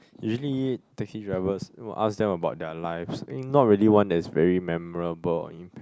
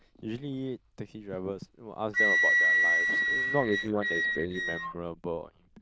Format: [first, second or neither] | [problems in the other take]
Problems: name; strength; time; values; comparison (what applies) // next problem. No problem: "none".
first | noise reduction (neural diffusion model UNIVERSE++)